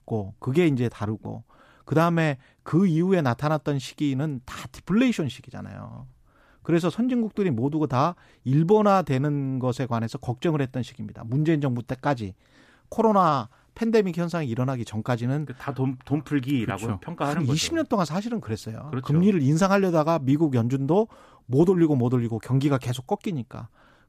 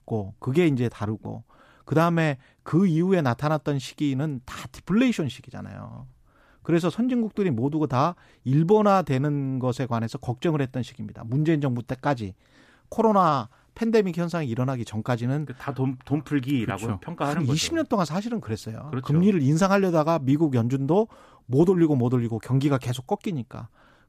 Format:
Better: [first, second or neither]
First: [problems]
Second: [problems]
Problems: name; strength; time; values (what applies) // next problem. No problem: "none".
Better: neither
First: none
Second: none